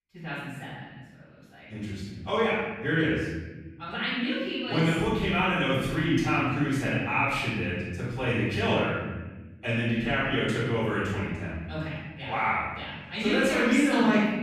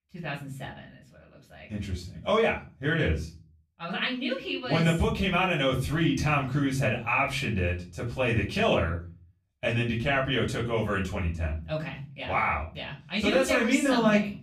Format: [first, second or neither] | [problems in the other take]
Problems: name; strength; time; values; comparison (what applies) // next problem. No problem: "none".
second | room echo; strong; dies away in 1.3 s; slight in the second // off-mic speech; far; far in the second